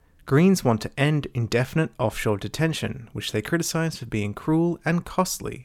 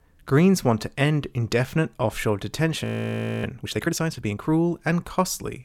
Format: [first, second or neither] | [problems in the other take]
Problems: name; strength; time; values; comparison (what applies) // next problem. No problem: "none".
first | audio freezing; at 3 s for 0.5 s